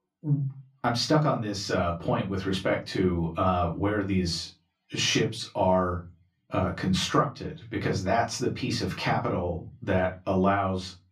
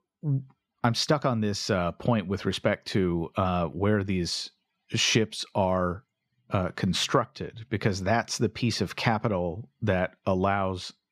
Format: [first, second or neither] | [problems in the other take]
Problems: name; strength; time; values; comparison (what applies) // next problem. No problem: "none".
second | off-mic speech; far // room echo; very slight; dies away in 0.2 s